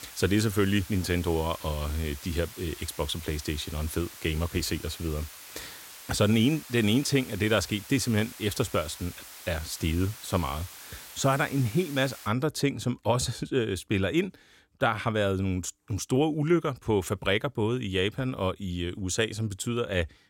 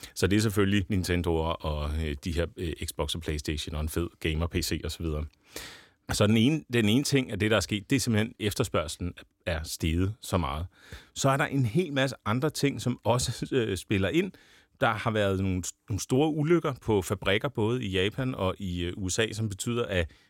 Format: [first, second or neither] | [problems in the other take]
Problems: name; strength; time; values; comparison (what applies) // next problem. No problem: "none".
second | hiss; noticeable; until 12 s; 15 dB below the speech